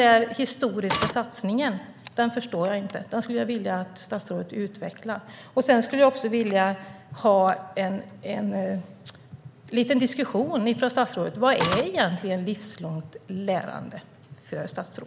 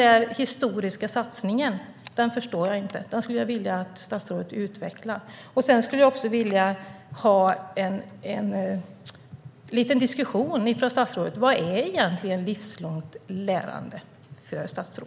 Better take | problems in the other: second | background sound (Printer); 1 dB below the speech

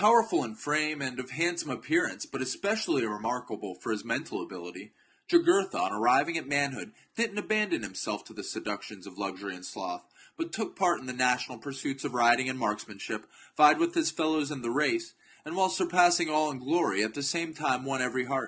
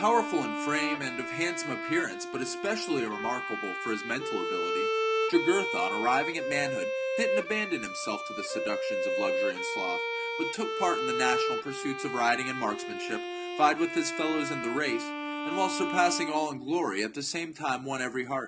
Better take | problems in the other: first | background sound (Bowed string instrument); 2 dB below the speech

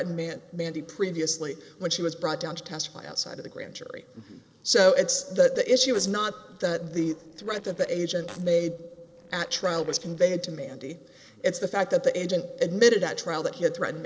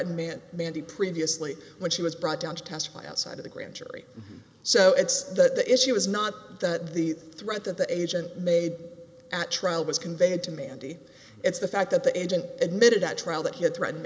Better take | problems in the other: second | noise reduction (neural separator model SepFormer DNS4)

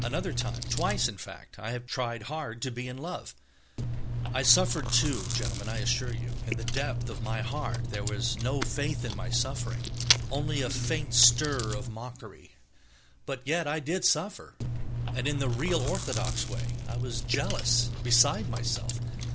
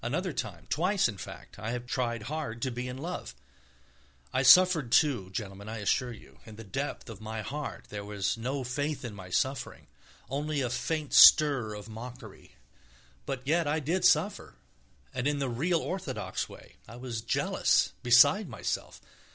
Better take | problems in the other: second | background sound (Chewing, mastication); as loud as the speech

